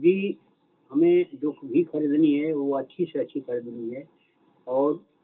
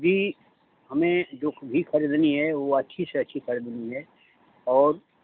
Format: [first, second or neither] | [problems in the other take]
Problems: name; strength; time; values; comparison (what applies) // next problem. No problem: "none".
second | room echo; dies away in 0.2 s